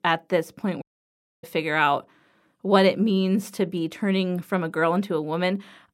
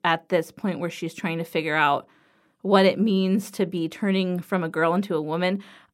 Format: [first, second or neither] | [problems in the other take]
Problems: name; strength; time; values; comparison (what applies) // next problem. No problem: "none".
second | audio cutting out; at 1 s for 0.5 s